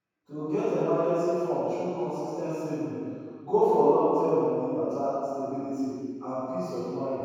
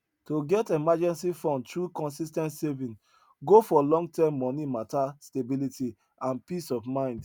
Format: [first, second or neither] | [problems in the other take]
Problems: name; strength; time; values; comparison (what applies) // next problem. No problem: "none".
second | room echo; dies away in 2.2 s